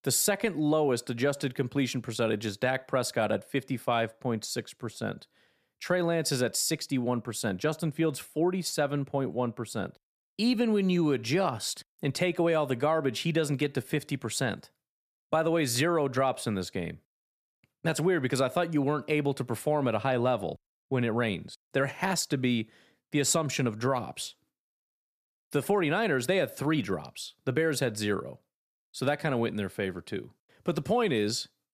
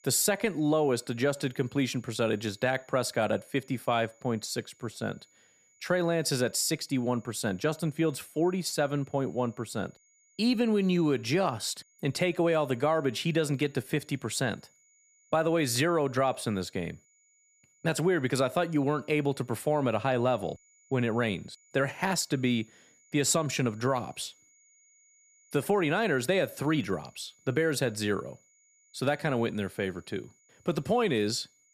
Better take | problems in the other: first | high-pitched whine; faint; throughout; 7 kHz, 30 dB below the speech

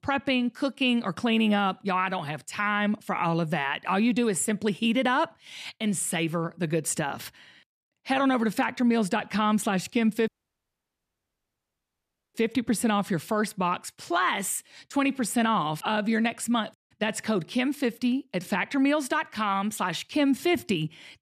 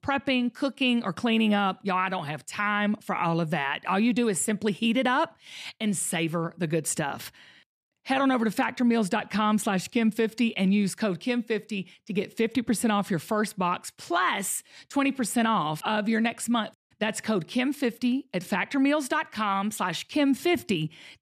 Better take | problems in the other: second | audio cutting out; at 10 s for 2 s

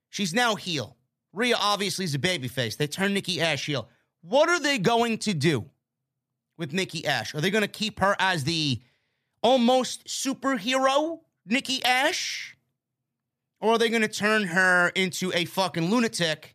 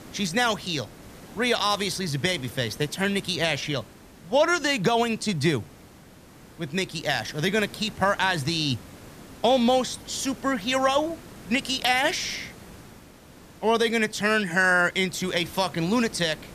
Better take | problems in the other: first | hiss; faint; throughout; 20 dB below the speech

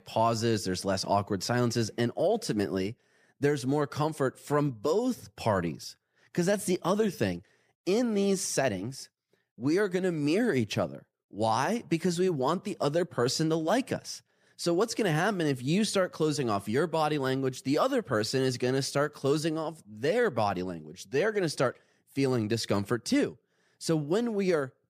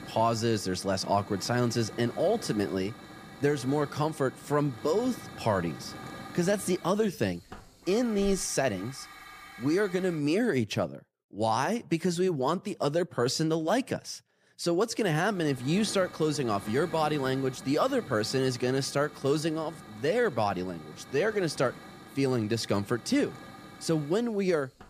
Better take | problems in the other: first | hiss; noticeable; until 10 s and from 15 s on; 15 dB below the speech

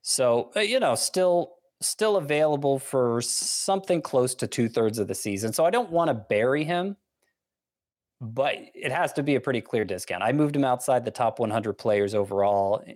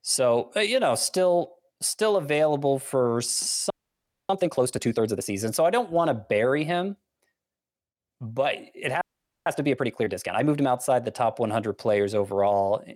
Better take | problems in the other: first | audio freezing; at 3.5 s for 0.5 s and at 9 s

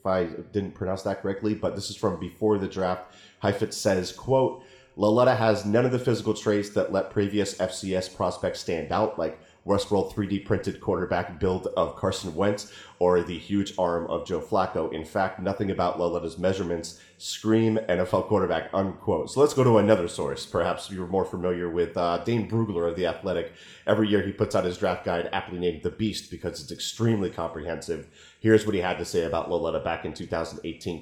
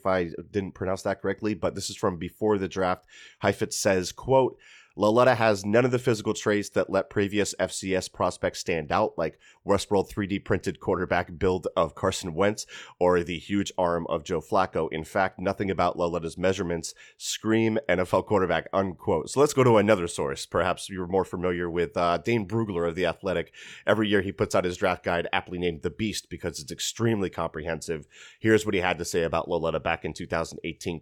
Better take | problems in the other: second | room echo; slight; dies away in 0.6 s

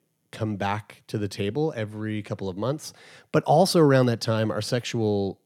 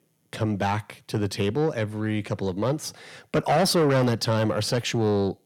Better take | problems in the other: first | distortion; heavy; 8 dB below the speech

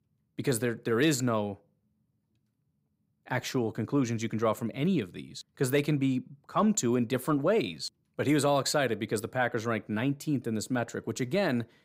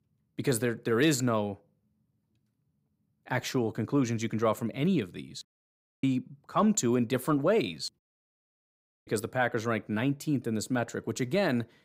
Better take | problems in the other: first | audio cutting out; at 5.5 s for 0.5 s and at 8 s for 1 s

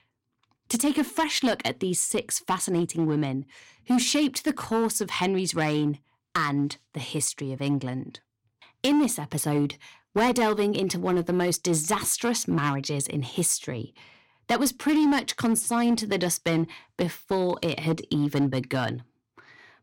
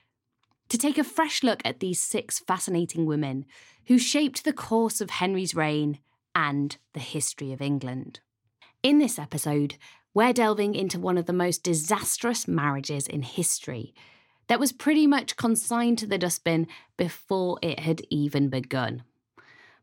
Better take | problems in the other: second | distortion; slight; 6% of the sound clipped

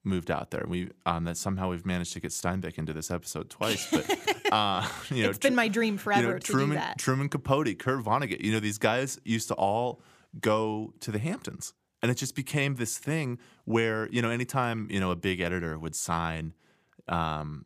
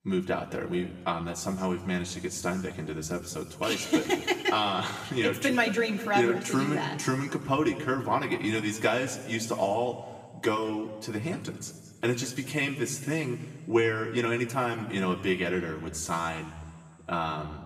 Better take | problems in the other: first | room echo; slight; dies away in 1.4 s // off-mic speech; far

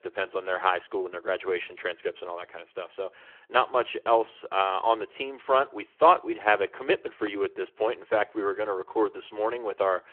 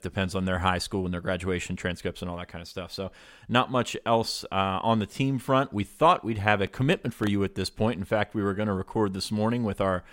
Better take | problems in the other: second | phone-call audio

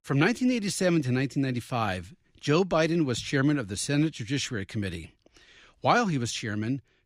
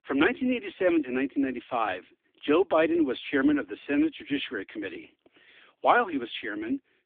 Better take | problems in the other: first | phone-call audio; nothing above 3.5 kHz

